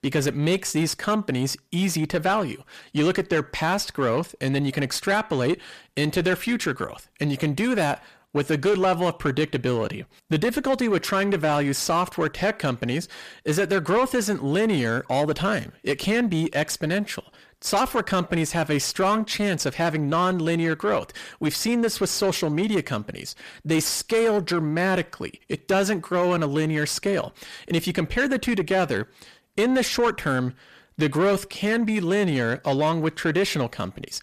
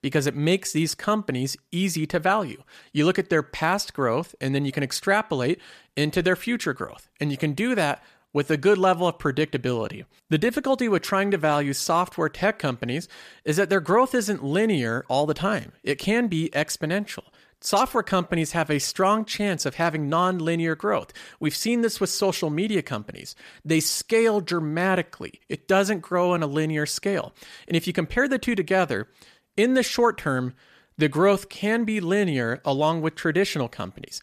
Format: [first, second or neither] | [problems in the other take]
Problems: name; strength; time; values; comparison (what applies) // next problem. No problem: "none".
second | distortion; slight; 10 dB below the speech